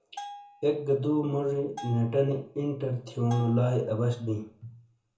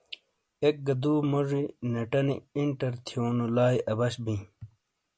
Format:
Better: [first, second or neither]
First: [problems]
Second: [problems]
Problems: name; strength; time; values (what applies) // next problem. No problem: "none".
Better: second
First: background sound (Bell); 18 dB below the speech // room echo; dies away in 0.7 s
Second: none